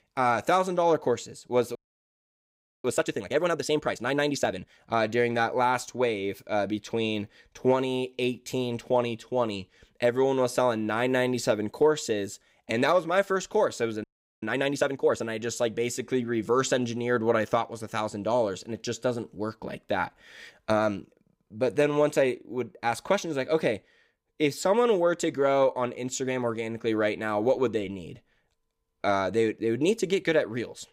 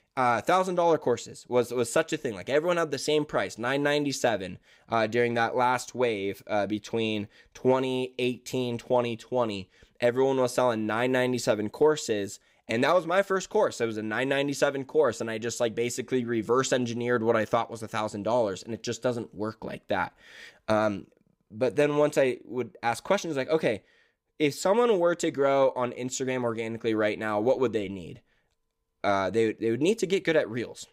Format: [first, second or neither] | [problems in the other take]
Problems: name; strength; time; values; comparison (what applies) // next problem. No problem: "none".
second | audio freezing; at 2 s for 1 s and at 14 s